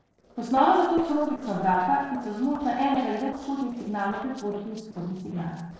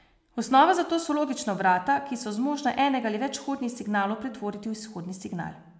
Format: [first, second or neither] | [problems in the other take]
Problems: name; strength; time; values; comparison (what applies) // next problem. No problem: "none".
second | noise reduction (neural separator model SepFormer DNS4)